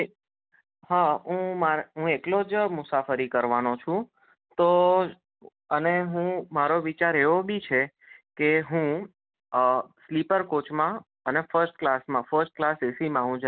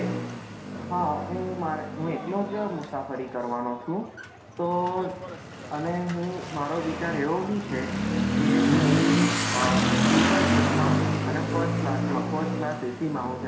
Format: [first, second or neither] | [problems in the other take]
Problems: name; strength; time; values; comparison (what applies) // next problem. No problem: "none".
first | background sound (Motorcycle / Accelerating, revving, vroom); 4 dB above the speech // room echo; dies away in 0.7 s